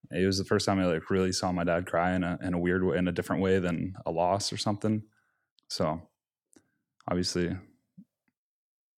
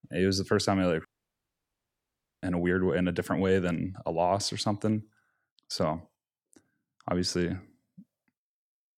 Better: first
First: none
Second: audio cutting out; at 1 s for 1.5 s

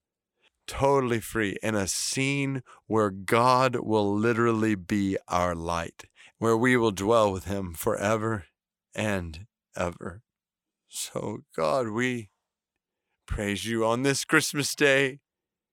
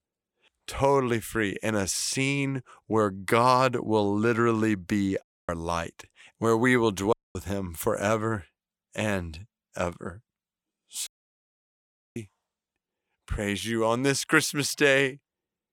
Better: first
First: none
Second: audio cutting out; at 5 s, at 7 s and at 11 s for 1 s

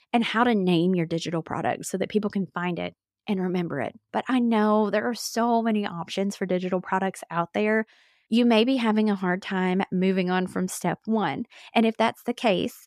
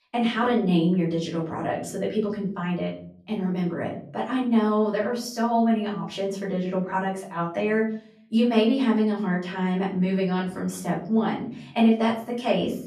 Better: first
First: none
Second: room echo; slight; dies away in 0.7 s // off-mic speech; far

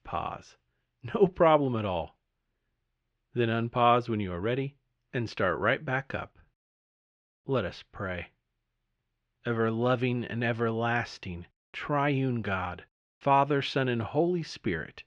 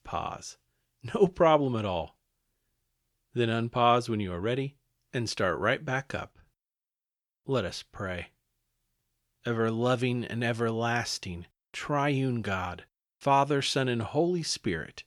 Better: second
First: muffled; slightly; fading above 2.5 kHz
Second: none

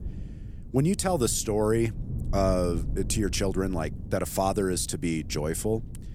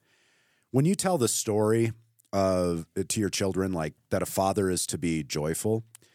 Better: second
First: wind noise on the microphone; occasional gusts; 20 dB below the speech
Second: none

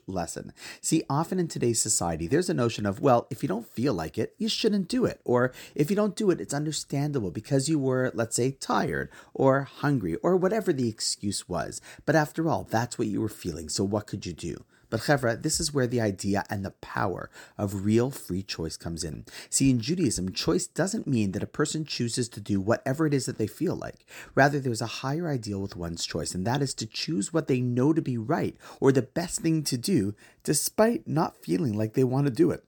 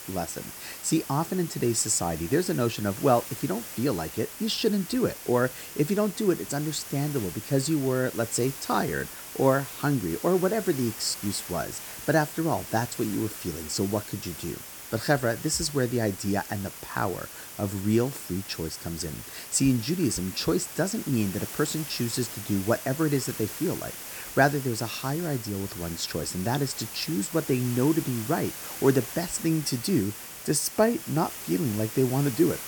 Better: first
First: none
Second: hiss; loud; throughout; 10 dB below the speech

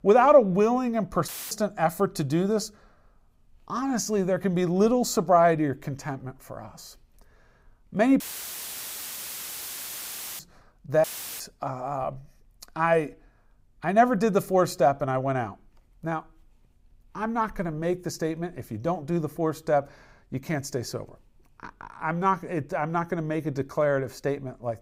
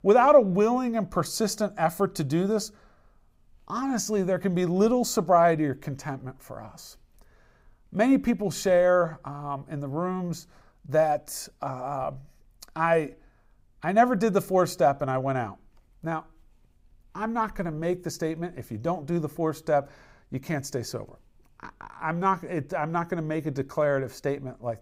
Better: second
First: audio cutting out; filled with static; at 1.5 s, at 8 s for 2 s and at 11 s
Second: none

